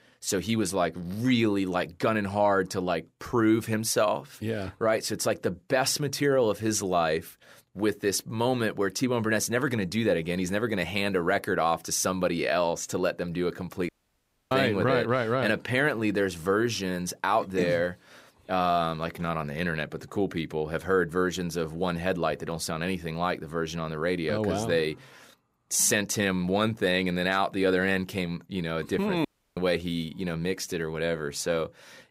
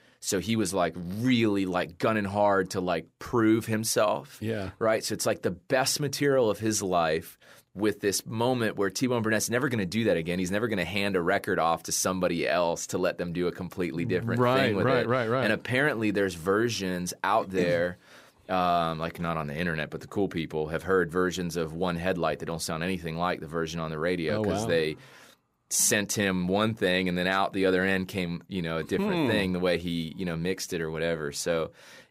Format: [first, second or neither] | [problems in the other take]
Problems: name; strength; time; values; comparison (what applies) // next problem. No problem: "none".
second | audio cutting out; at 14 s for 0.5 s and at 29 s